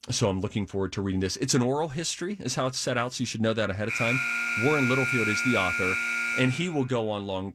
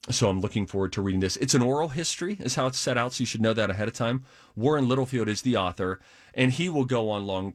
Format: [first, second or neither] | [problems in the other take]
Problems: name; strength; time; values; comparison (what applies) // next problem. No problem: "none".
second | alarm; loud; from 4 to 6.5 s; peak 2 dB above the speech